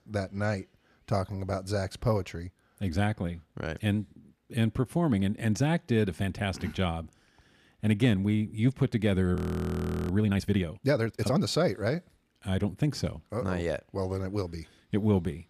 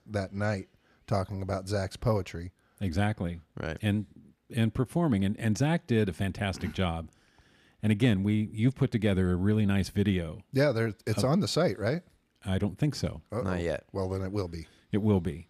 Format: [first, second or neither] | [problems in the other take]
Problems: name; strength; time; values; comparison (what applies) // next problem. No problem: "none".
second | audio freezing; at 9.5 s for 0.5 s